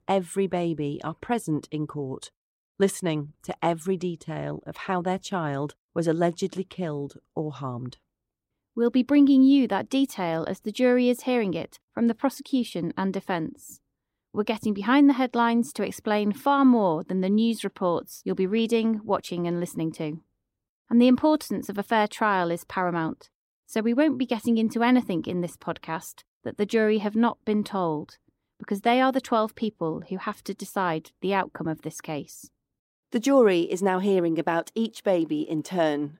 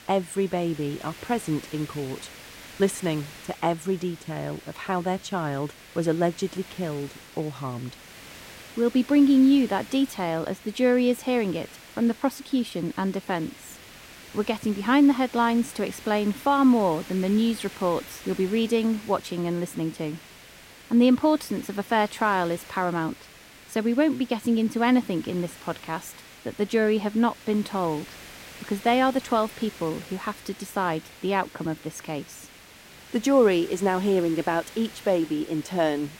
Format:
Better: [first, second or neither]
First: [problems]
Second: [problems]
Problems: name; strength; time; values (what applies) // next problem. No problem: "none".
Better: first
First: none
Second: hiss; noticeable; throughout; 20 dB below the speech